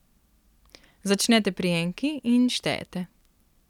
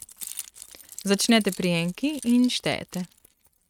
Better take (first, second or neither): first